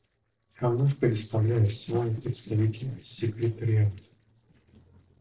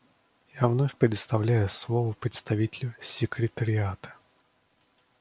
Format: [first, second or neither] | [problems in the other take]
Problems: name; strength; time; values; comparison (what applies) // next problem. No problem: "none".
second | noise reduction (neural separator model SepFormer DNS4)